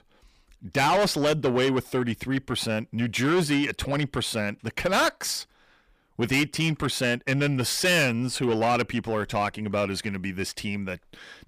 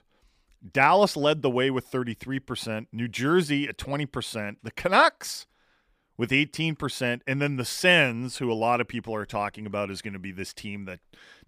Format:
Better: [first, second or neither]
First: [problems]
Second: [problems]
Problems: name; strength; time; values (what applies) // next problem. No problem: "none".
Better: second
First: distortion; heavy; 6 dB below the speech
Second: none